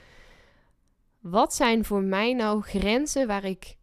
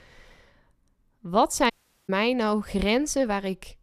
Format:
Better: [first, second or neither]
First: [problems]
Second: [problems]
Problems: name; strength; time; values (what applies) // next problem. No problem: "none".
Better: first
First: none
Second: audio cutting out; at 1.5 s